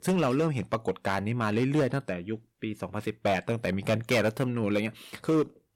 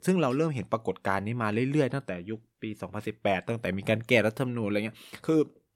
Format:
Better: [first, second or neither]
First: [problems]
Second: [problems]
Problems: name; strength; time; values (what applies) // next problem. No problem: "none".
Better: second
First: distortion; slight; 6% of the sound clipped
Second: none